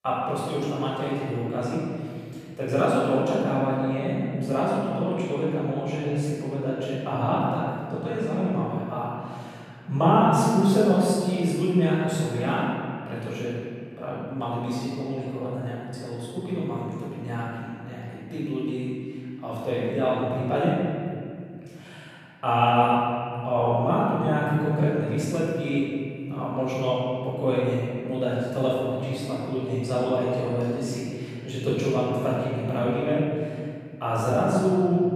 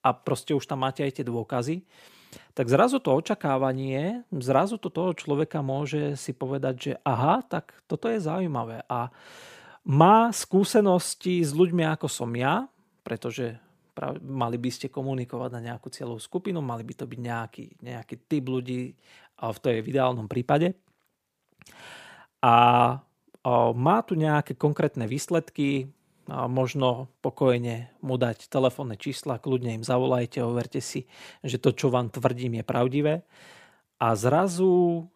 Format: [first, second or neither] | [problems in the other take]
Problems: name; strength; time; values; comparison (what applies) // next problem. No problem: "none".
second | room echo; strong; dies away in 2.2 s // off-mic speech; far